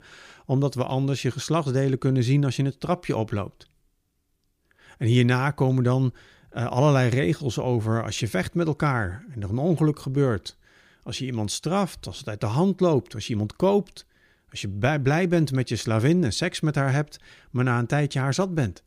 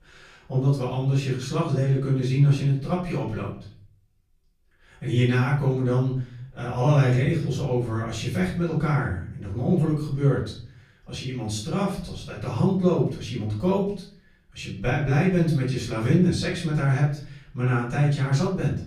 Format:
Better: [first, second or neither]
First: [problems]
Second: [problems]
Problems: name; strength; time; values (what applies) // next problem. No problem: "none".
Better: first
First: none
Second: room echo; noticeable; dies away in 0.5 s // off-mic speech; far